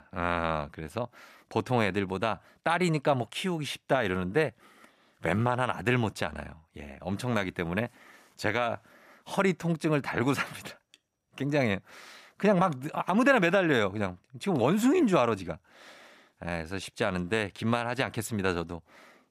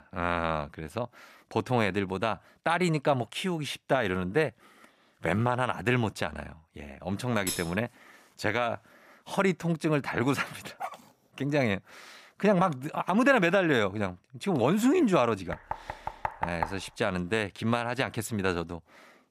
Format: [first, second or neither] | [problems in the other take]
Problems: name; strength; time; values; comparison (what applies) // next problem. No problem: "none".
first | clattering dishes; noticeable; at 7.5 s; peak 5 dB below the speech // dog barking; faint; at 11 s; peak 10 dB below the speech // door banging; noticeable; from 16 to 17 s; peak 5 dB below the speech